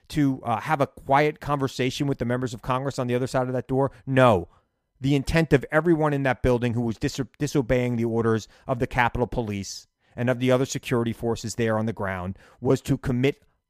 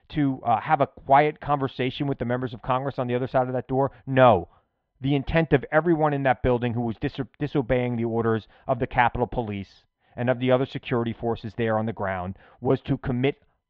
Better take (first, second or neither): first